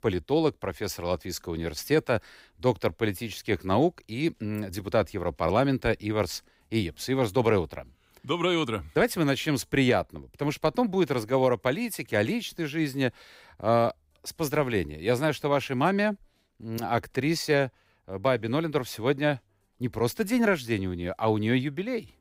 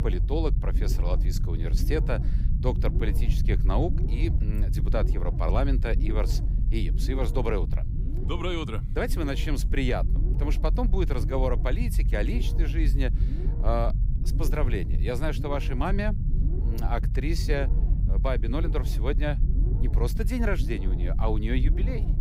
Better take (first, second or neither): first